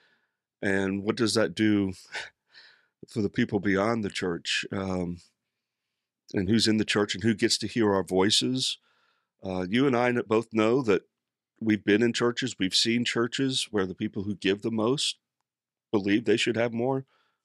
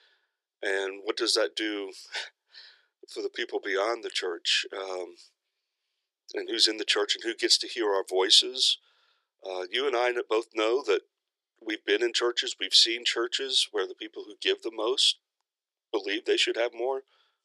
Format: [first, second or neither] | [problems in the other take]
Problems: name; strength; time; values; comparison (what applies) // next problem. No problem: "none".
first | thin; very; fading below 350 Hz